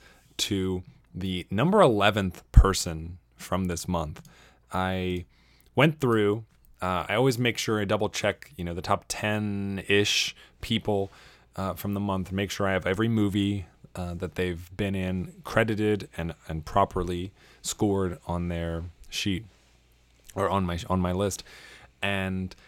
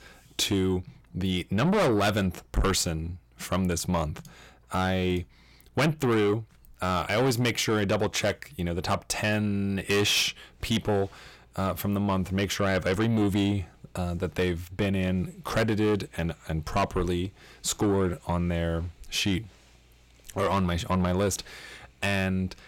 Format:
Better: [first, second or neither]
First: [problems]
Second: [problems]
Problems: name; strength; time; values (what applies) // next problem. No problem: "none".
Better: first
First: none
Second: distortion; heavy; 6 dB below the speech